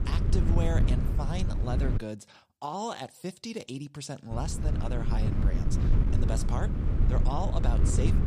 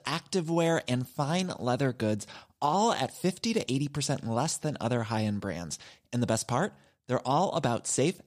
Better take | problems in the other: second | wind noise on the microphone; heavy; until 2 s and from 4.5 s on; 3 dB below the speech

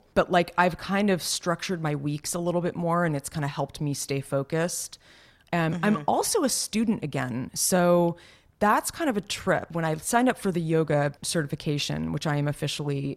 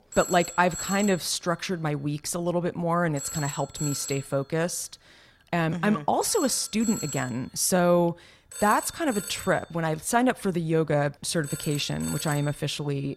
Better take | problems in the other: first | alarms or sirens; loud; throughout; 9 dB below the speech

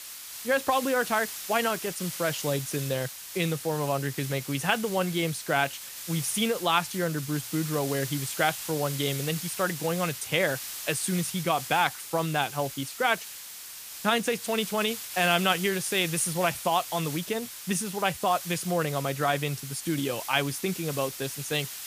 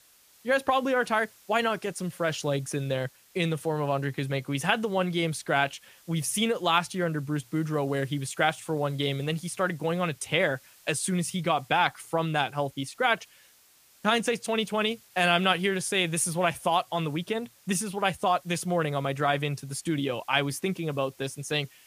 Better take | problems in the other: second | hiss; loud; throughout; 8 dB below the speech; faint in the second

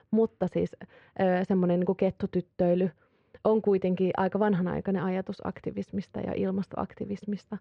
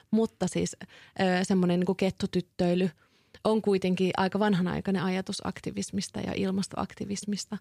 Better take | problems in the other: second | muffled; very; fading above 2 kHz

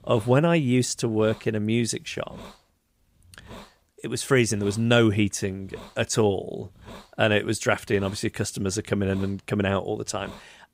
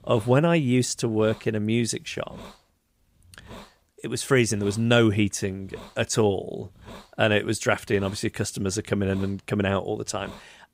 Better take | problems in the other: neither | hiss; faint; throughout; 25 dB below the speech; the same in both

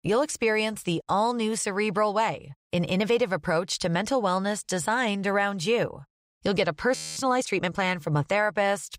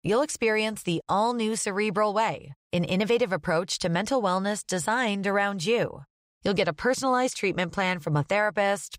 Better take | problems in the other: second | audio freezing; at 7 s

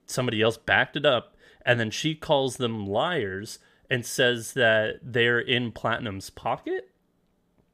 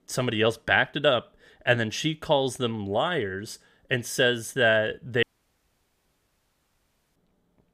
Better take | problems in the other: first | audio cutting out; at 5 s for 2 s

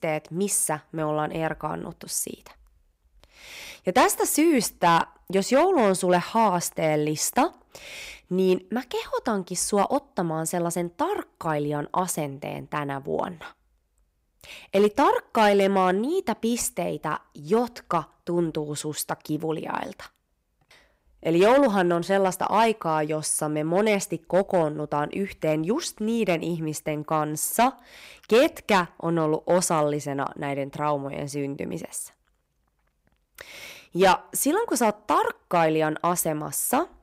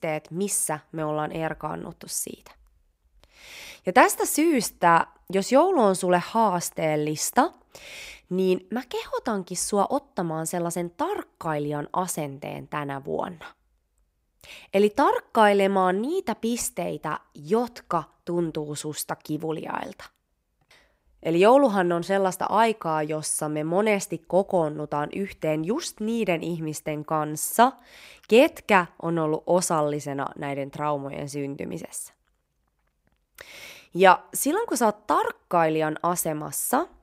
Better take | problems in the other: second | distortion; slight; 1.8% of the sound clipped

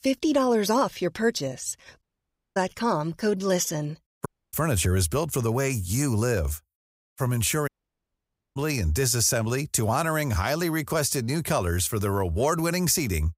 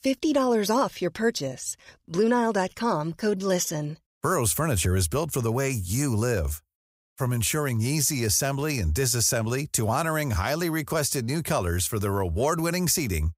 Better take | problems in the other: second | audio cutting out; at 2 s for 0.5 s, at 4.5 s and at 7.5 s for 1 s

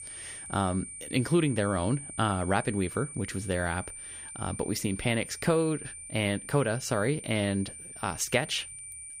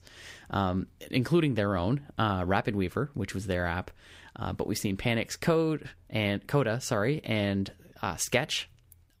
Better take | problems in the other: second | high-pitched whine; noticeable; throughout; 9 kHz, 10 dB below the speech

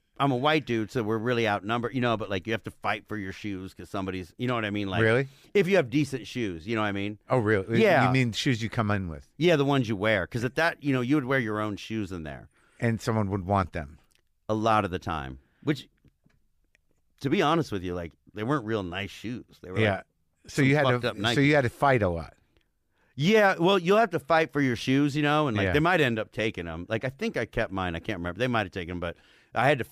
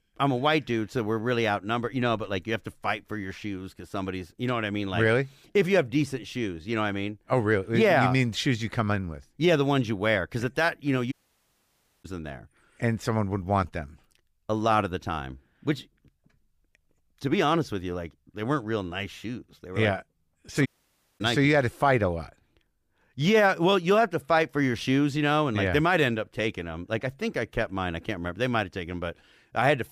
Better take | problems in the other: first | audio cutting out; at 11 s for 1 s and at 21 s for 0.5 s

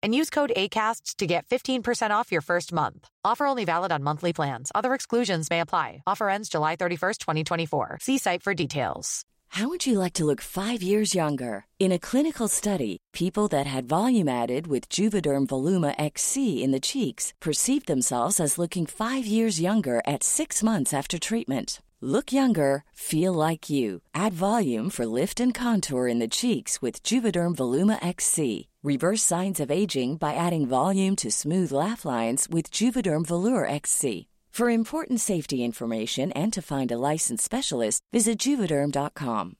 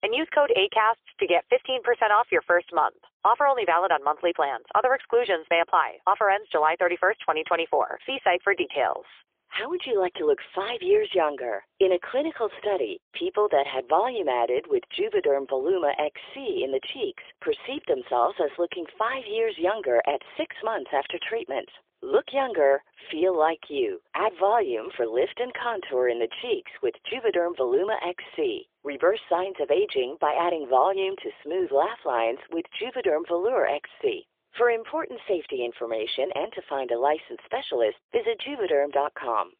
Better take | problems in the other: first | phone-call audio; poor line; nothing above 3.5 kHz

